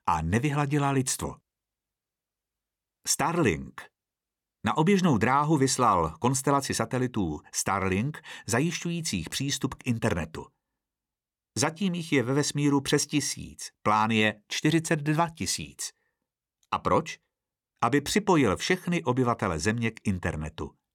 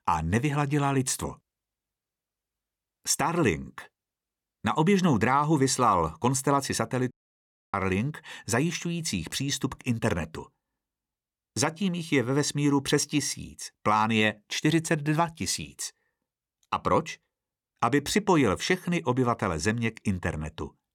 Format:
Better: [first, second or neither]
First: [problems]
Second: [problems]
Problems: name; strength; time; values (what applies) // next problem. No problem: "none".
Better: first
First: none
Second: audio cutting out; at 7 s for 0.5 s